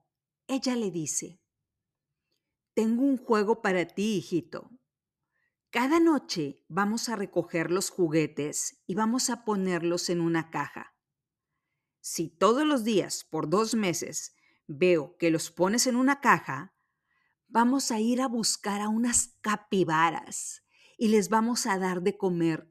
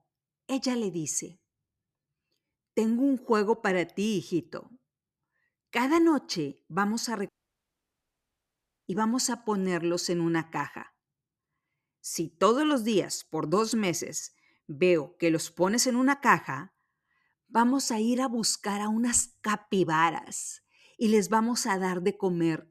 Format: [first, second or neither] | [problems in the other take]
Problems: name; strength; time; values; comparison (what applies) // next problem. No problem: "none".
first | audio cutting out; at 7.5 s for 1.5 s